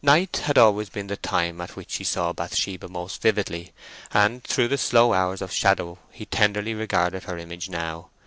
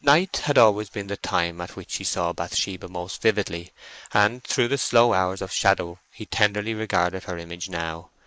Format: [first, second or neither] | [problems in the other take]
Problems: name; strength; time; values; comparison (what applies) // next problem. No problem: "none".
first | noise reduction (neural mask model Resemble Enhance denoiser)